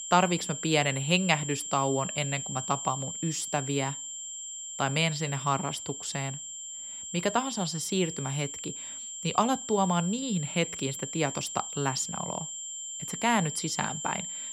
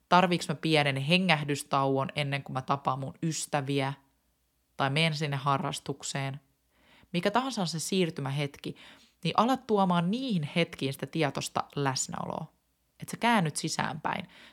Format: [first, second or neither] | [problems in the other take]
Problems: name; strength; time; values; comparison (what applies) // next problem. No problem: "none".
second | high-pitched whine; loud; throughout; 7.5 kHz, 6 dB below the speech